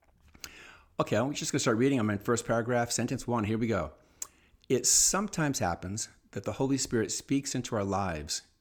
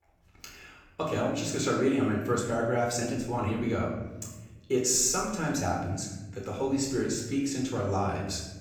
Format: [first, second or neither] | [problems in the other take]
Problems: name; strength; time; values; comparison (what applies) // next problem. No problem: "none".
first | off-mic speech; far // room echo; noticeable; dies away in 1 s